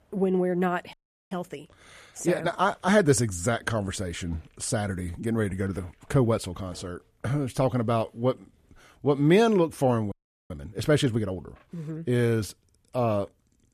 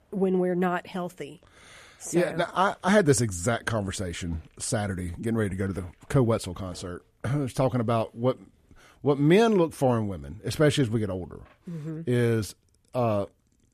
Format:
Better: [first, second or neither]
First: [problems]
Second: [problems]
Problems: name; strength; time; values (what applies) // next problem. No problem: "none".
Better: second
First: audio freezing; at 1 s and at 10 s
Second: none